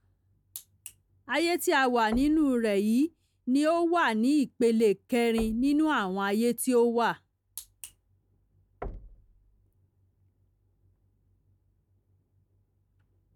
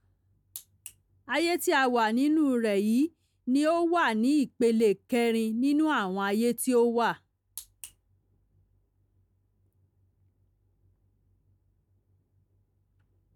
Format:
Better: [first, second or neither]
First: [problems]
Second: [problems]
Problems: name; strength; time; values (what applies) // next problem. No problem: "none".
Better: second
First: background sound (Knock); 19 dB below the speech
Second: none